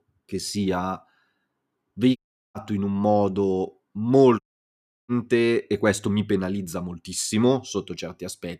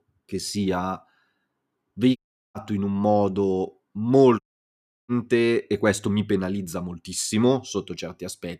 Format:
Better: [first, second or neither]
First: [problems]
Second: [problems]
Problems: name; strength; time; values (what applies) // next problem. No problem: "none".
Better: neither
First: audio cutting out; at 2 s and at 4.5 s for 0.5 s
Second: audio cutting out; at 2 s and at 4.5 s for 0.5 s